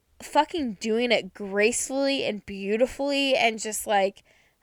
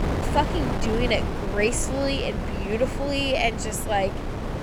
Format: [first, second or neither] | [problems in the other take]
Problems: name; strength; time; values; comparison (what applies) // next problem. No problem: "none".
first | wind noise on the microphone; heavy; 7 dB below the speech